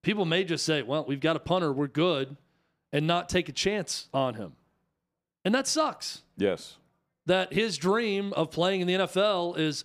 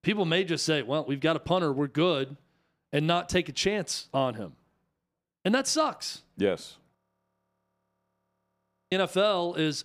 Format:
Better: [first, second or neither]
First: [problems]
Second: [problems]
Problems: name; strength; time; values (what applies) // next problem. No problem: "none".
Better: first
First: none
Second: audio freezing; at 7 s for 2 s